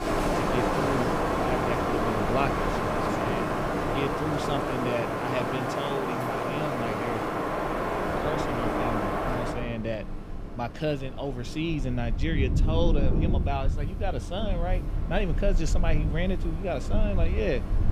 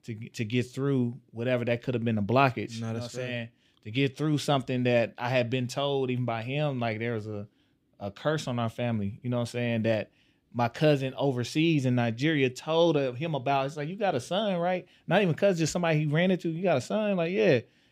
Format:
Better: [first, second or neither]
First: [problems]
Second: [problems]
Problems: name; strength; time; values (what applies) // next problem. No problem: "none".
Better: second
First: wind in the background; very loud; throughout; 4 dB above the speech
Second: none